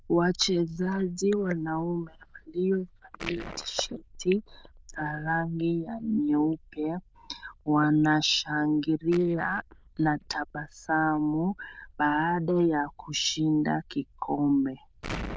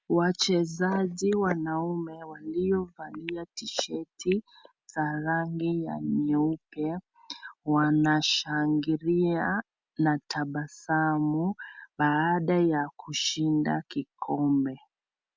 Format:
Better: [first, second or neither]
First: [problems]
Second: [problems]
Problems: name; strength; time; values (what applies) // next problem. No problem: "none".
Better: second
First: noise reduction (neural diffusion model UNIVERSE++)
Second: none